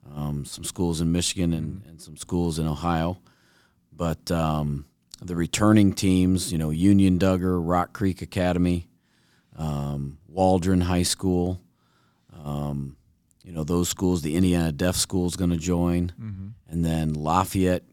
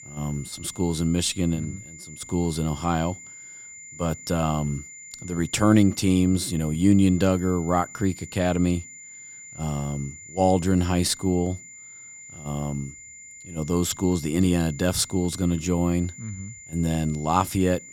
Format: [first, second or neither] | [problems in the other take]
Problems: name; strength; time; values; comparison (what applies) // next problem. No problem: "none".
first | high-pitched whine; noticeable; throughout; 7 kHz, 15 dB below the speech